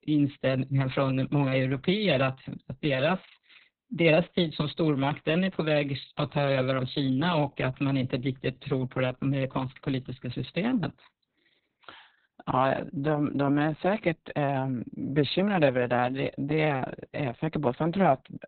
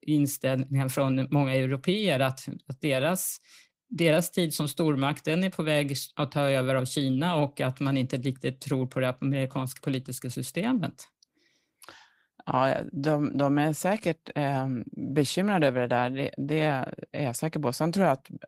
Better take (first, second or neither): second